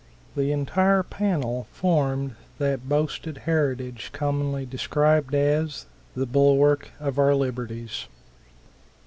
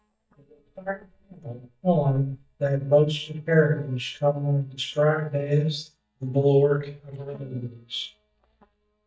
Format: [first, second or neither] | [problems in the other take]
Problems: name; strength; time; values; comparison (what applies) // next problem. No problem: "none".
first | noise reduction (neural mask model DeepFilterNet 3)